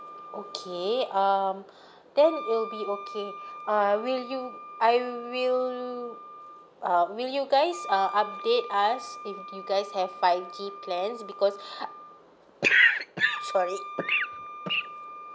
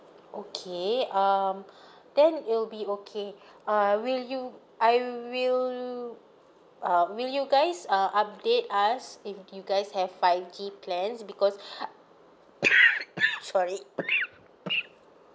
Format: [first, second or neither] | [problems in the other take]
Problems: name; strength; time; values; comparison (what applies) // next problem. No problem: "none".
second | background sound (Wind instrument, woodwind instrument); 14 dB below the speech